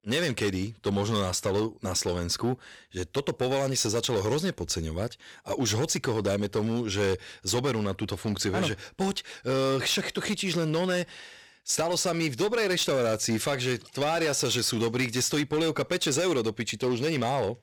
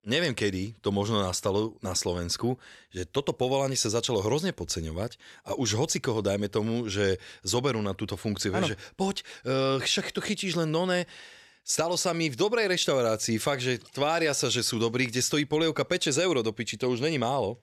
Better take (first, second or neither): second